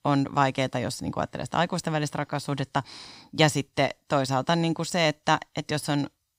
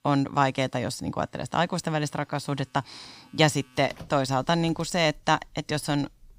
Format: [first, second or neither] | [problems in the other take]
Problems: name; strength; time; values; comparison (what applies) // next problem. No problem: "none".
first | household noises; faint; throughout; 25 dB below the speech